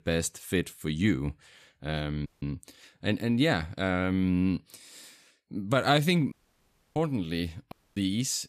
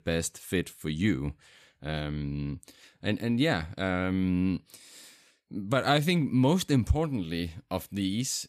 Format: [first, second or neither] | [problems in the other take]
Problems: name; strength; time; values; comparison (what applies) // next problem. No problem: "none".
second | audio cutting out; at 2.5 s, at 6.5 s for 0.5 s and at 7.5 s